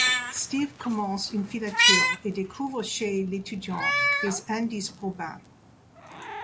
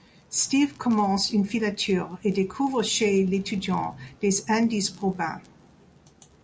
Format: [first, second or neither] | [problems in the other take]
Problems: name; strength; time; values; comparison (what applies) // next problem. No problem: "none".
second | background sound (Meow); 2 dB above the speech